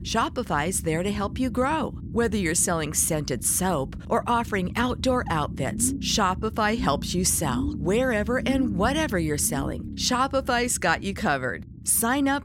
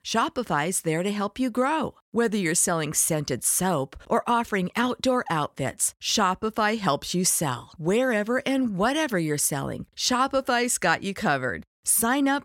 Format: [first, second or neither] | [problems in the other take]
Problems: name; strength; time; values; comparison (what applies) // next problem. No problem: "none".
second | low rumble; noticeable; throughout; 15 dB below the speech